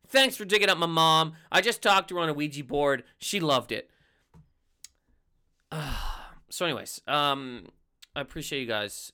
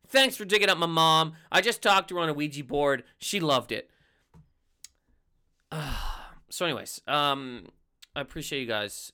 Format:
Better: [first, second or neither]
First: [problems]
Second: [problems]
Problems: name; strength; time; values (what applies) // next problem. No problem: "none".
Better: neither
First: none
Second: none